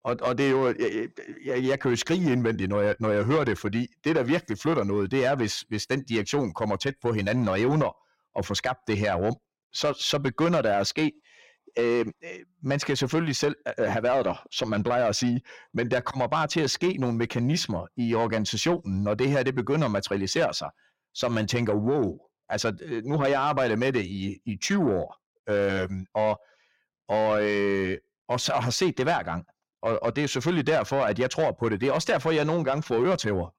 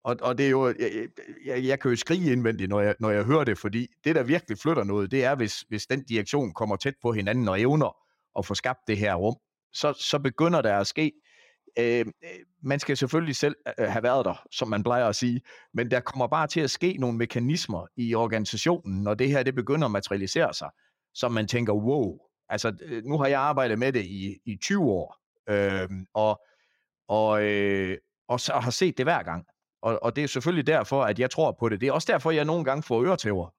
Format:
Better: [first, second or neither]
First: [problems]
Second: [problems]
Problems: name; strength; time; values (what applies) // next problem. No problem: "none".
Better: second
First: distortion; slight; 10 dB below the speech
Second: none